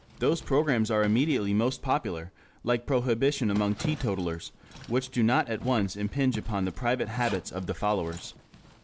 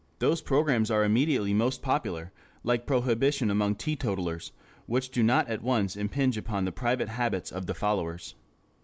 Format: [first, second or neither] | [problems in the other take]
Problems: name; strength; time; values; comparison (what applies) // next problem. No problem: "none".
second | background sound (Zipper (clothing)); 17 dB below the speech